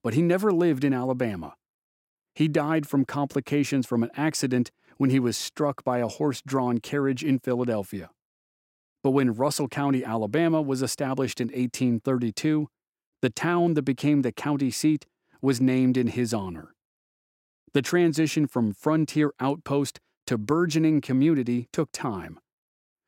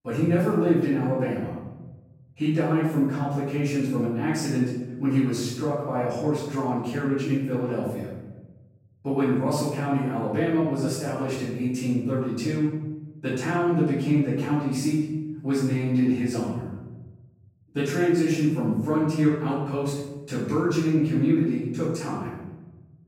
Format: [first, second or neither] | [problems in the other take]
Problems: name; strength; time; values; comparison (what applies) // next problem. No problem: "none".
first | room echo; strong; dies away in 1.1 s // off-mic speech; far